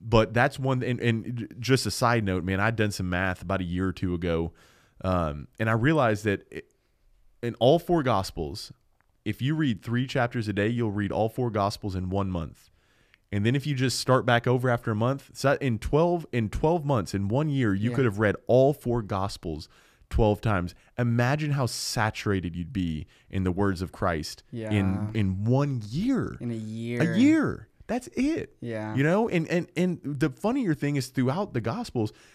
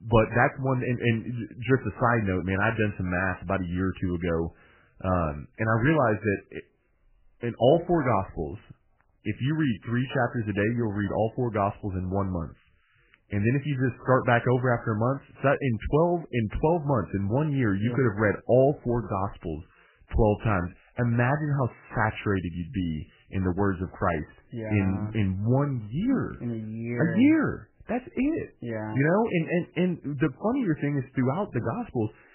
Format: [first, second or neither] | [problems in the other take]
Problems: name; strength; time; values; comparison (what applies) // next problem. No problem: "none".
first | garbled, watery; badly; nothing above 3 kHz